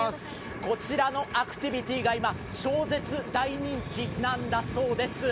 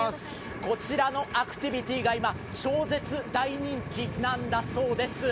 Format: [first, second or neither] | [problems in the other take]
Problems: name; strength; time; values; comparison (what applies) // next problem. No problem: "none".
second | background sound (Drum kit); 17 dB below the speech